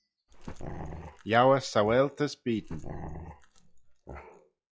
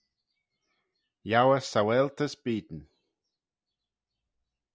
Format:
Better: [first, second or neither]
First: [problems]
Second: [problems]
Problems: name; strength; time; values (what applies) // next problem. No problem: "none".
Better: second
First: noise reduction (classical method log-MMSE)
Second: none